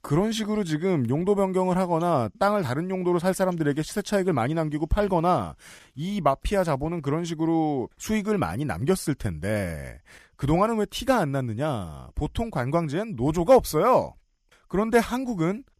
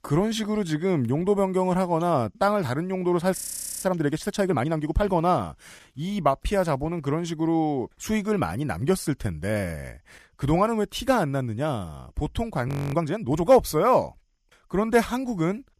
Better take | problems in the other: first | audio freezing; at 3.5 s and at 13 s

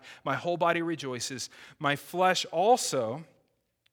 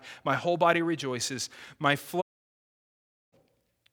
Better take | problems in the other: first | audio cutting out; at 2 s for 1 s

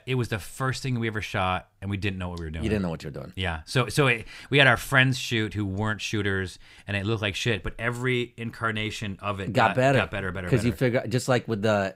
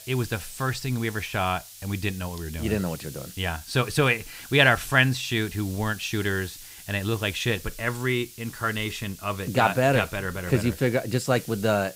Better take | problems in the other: first | hiss; noticeable; throughout; 15 dB below the speech

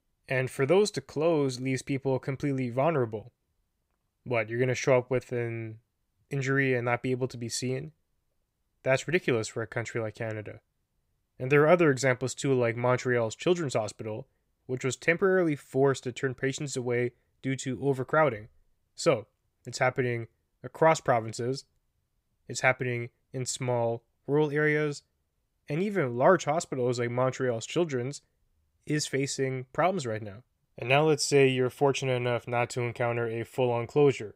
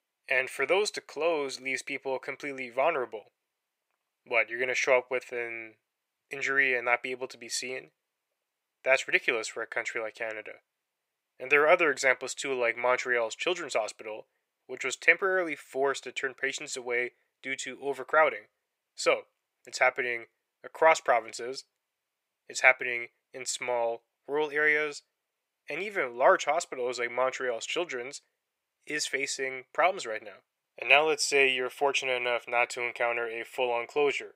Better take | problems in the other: first | thin; very; fading below 600 Hz

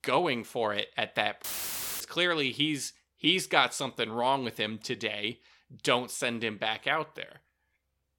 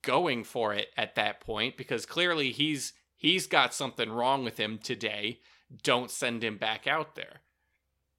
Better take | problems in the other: second | audio cutting out; filled with static; at 1.5 s for 0.5 s

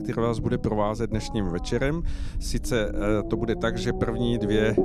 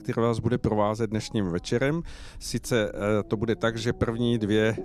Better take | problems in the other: second | low rumble; loud; throughout; 8 dB below the speech; faint in the second

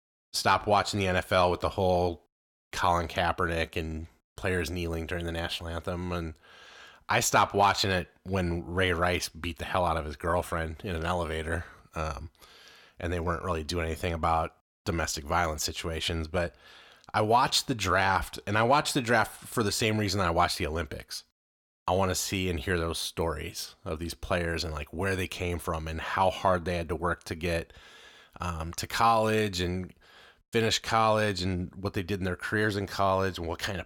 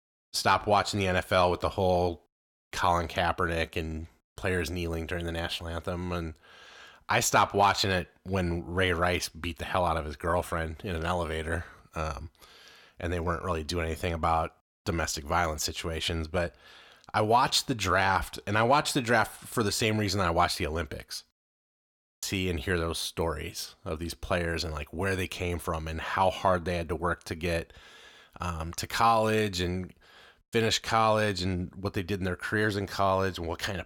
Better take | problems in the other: first | audio freezing; at 22 s

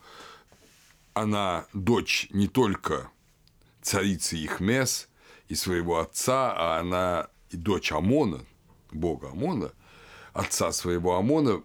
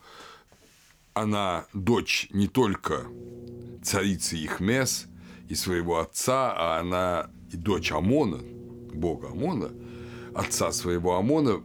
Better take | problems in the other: first | low rumble; faint; from 3 to 5.5 s and from 7 s on; 20 dB below the speech

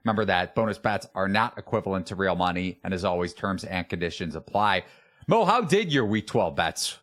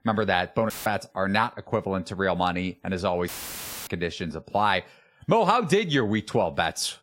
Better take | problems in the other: first | audio cutting out; filled with static; at 0.5 s and at 3.5 s for 0.5 s

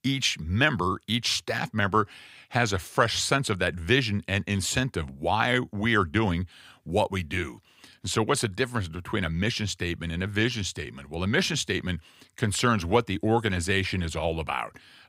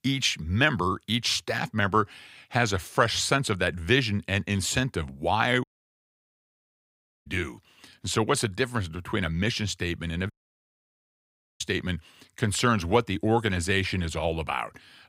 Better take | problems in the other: first | audio cutting out; at 5.5 s for 1.5 s and at 10 s for 1.5 s

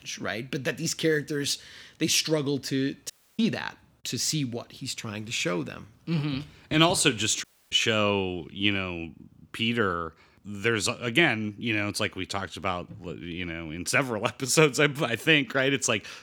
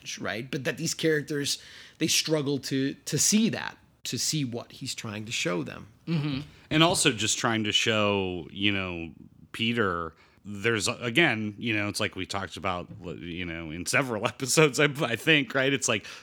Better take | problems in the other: second | audio cutting out; at 3 s and at 7.5 s

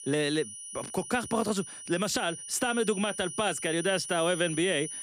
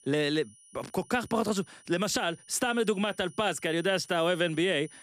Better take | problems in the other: second | high-pitched whine; loud; throughout; 9.5 kHz, 9 dB below the speech; faint in the second

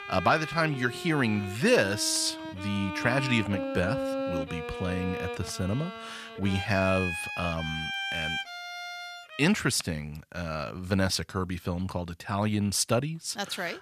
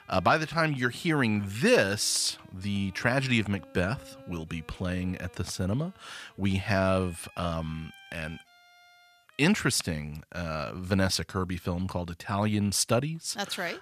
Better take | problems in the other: second | background music; loud; until 9.5 s; 6 dB below the speech; faint in the second

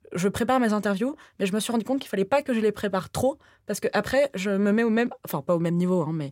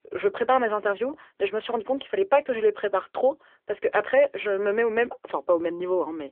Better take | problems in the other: first | phone-call audio

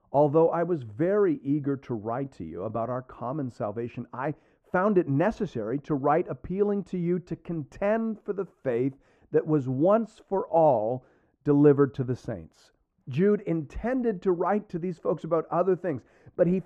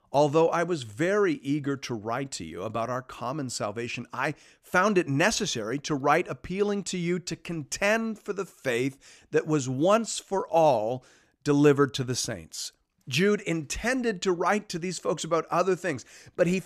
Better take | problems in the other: second | muffled; very; fading above 2 kHz

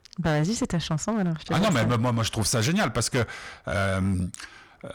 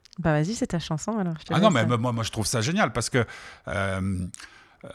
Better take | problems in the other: second | distortion; heavy; 13% of the sound clipped

